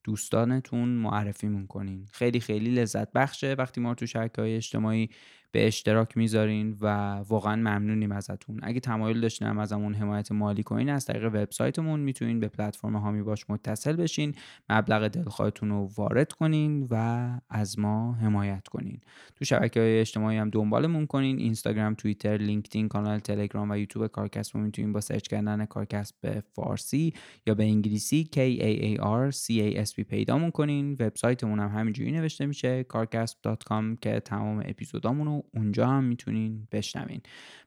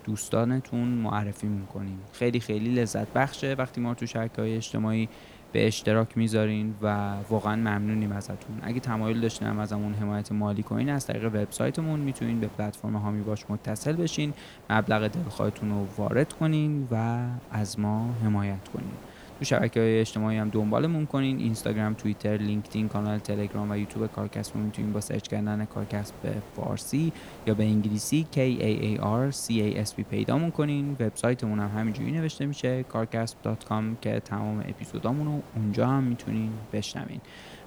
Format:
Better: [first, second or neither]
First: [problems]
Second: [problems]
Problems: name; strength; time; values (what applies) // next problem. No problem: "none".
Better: first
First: none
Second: hiss; noticeable; throughout; 20 dB below the speech